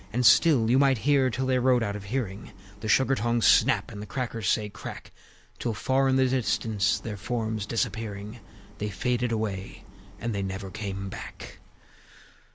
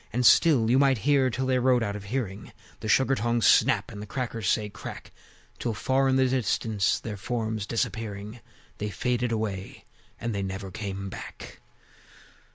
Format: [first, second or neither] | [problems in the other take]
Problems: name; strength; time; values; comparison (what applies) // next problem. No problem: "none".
second | background sound (Idling); 19 dB below the speech